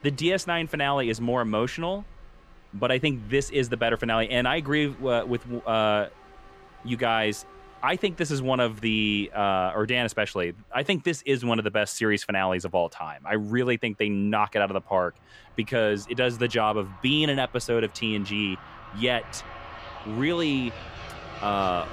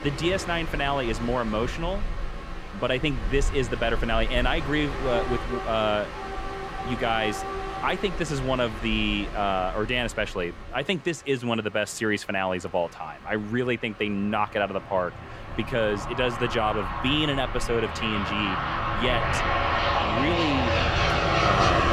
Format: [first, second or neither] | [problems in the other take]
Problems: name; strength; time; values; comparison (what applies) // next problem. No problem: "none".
first | train or aircraft noise; loud; throughout; 2 dB below the speech; faint in the first